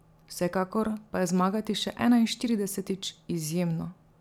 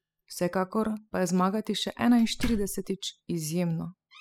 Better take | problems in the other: first | noise reduction (classical method spectral subtraction)

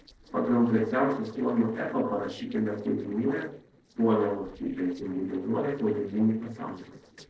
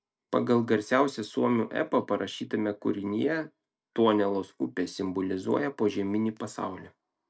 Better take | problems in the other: second | noise reduction (neural separator model SepFormer DNS4)

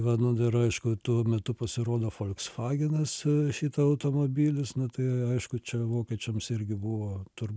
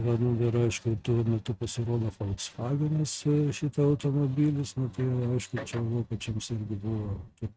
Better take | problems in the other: first | noise reduction (neural mask model RNNoise)

